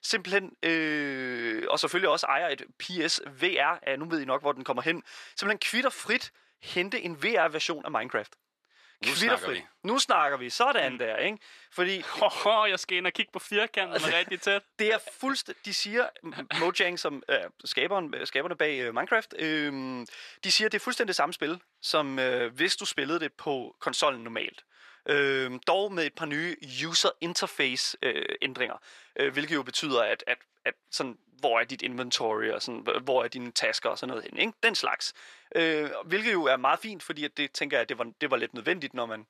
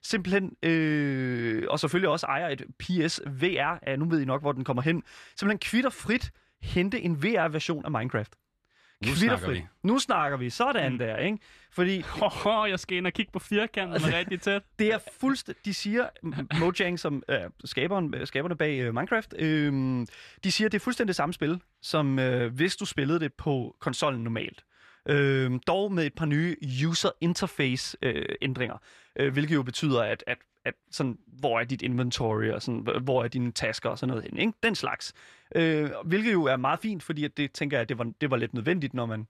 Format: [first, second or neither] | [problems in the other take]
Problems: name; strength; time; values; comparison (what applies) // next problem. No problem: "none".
second | thin; somewhat; fading below 450 Hz